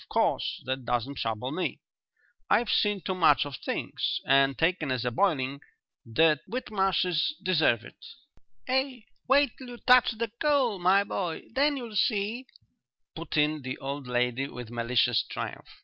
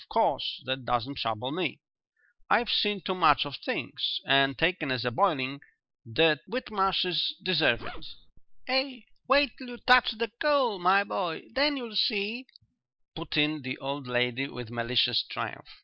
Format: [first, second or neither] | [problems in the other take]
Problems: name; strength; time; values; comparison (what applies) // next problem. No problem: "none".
first | noise reduction (neural mask model Resemble Enhance denoiser)